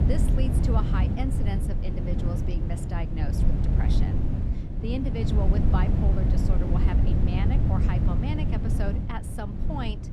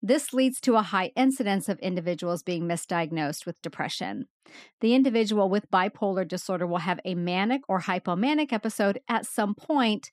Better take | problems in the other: second | wind noise on the microphone; heavy; as loud as the speech

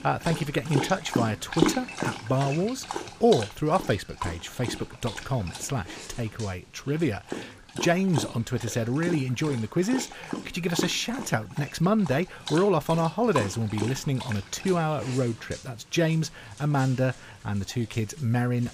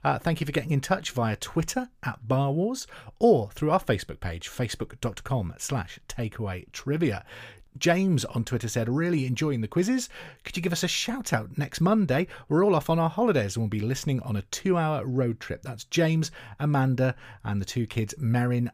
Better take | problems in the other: second | animal sounds; loud; throughout; 8 dB below the speech

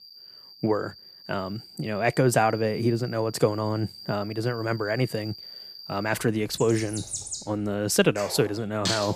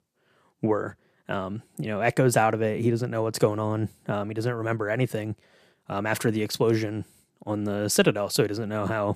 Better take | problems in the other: second | animal sounds; noticeable; throughout; 10 dB below the speech

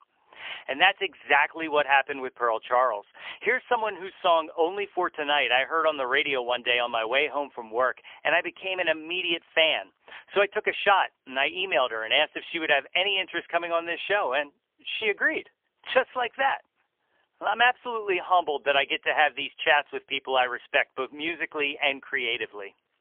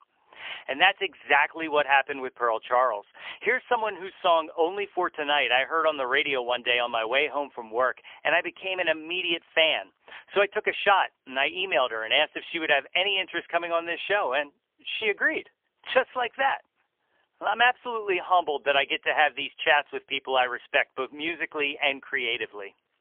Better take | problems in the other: neither | phone-call audio; poor line; nothing above 3.5 kHz; the same in both

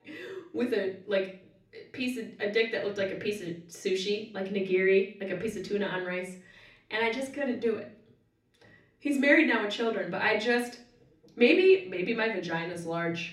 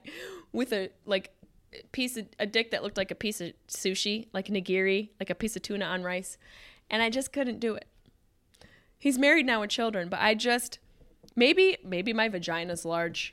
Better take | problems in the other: second | room echo; slight; dies away in 0.5 s // off-mic speech; far

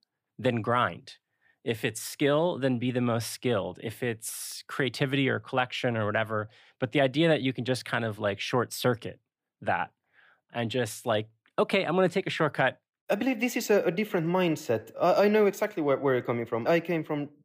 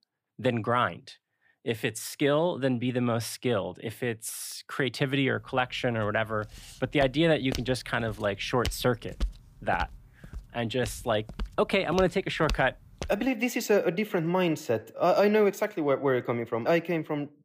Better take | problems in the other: first | footsteps; noticeable; from 7 to 13 s; peak 9 dB below the speech

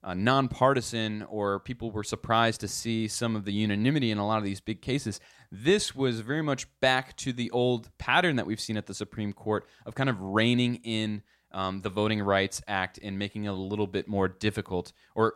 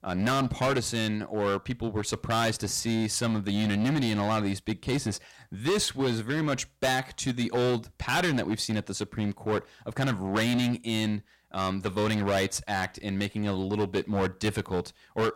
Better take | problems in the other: first | distortion; heavy; 14% of the sound clipped

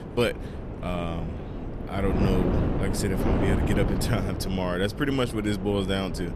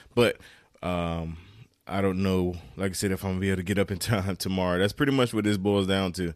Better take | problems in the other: second | wind noise on the microphone; heavy; 4 dB below the speech

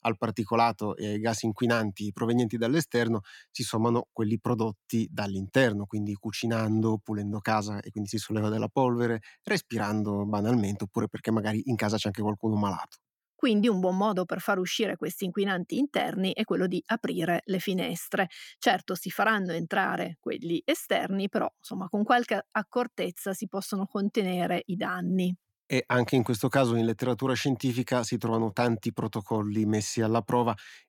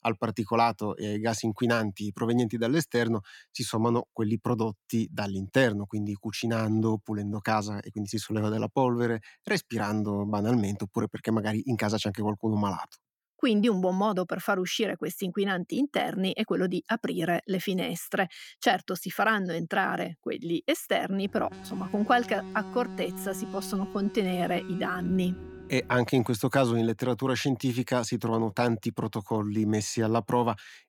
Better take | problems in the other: first | alarm; faint; from 21 to 26 s; peak 10 dB below the speech

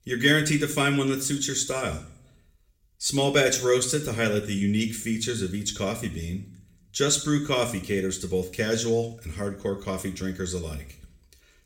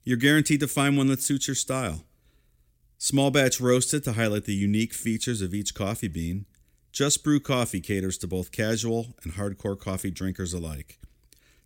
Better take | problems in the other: second | room echo; very slight; dies away in 0.5 s // off-mic speech; somewhat distant

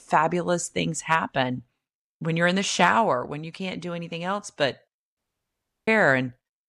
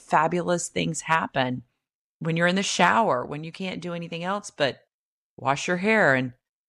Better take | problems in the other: second | audio cutting out; at 5 s for 0.5 s

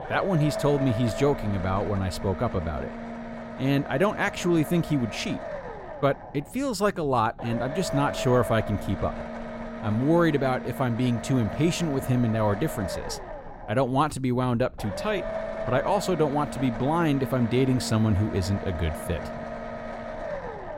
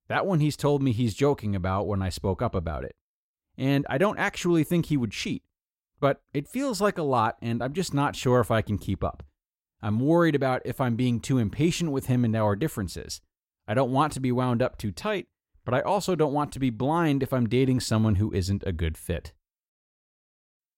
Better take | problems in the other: second | low rumble; loud; throughout; 7 dB below the speech

